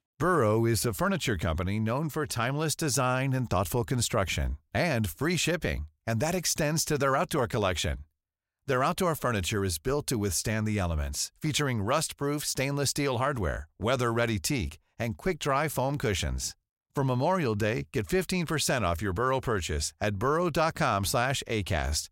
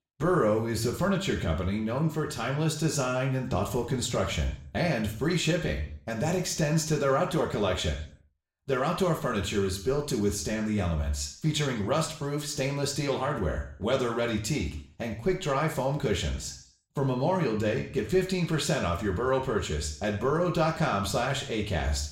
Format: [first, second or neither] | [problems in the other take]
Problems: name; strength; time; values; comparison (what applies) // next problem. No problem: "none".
first | room echo; slight; dies away in 0.6 s // off-mic speech; somewhat distant